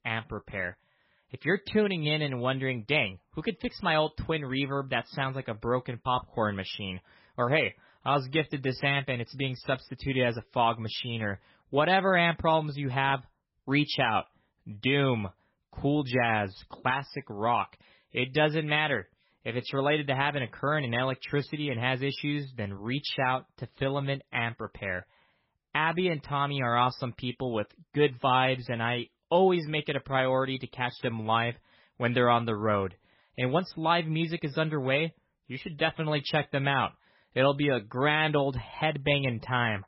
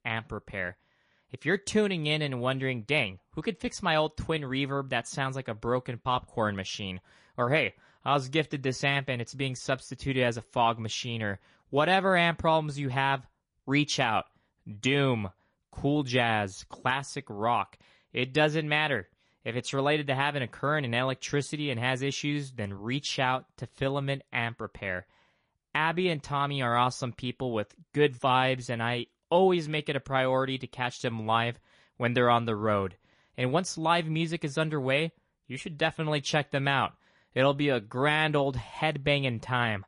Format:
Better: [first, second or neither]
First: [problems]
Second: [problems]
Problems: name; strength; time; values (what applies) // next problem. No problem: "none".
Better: second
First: garbled, watery; badly; nothing above 5.5 kHz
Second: garbled, watery; slightly; nothing above 10.5 kHz